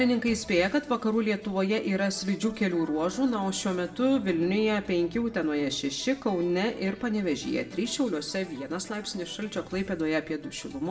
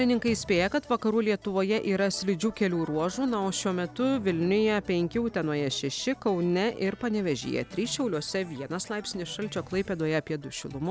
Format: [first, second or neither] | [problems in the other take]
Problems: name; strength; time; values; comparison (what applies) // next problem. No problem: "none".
second | room echo; dies away in 0.6 s